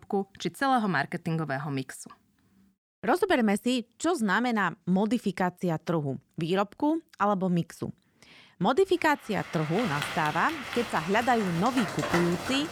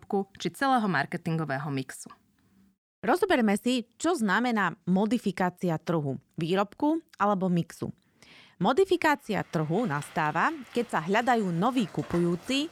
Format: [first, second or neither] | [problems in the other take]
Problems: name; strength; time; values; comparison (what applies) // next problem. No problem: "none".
second | crowd noise; loud; from 9.5 s on; 7 dB below the speech; faint in the second